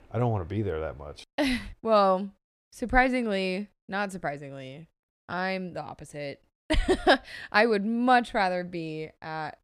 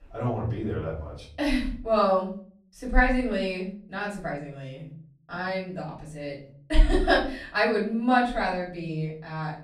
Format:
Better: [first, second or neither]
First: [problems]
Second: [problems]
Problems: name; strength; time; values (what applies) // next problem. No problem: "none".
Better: first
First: none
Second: off-mic speech; far // room echo; slight; dies away in 0.6 s